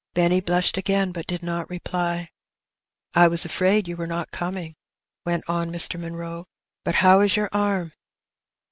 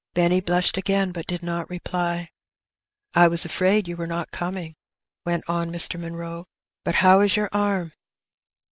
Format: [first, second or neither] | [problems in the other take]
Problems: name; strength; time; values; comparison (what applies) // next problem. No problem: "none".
first | noise reduction (neural mask model Resemble Enhance denoiser)